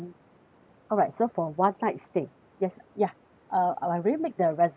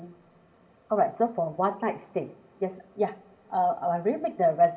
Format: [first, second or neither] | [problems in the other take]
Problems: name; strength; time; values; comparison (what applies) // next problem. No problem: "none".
first | room echo; dies away in 1.6 s